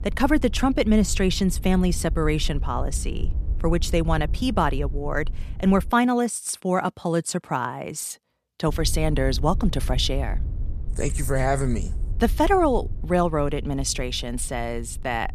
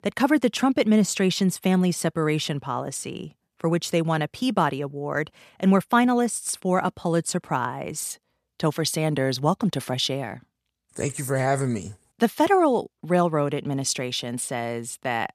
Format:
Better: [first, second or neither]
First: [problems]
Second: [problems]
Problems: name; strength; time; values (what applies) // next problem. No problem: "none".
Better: second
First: wind noise on the microphone; occasional gusts; until 6 s and from 8.5 s on; 25 dB below the speech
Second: none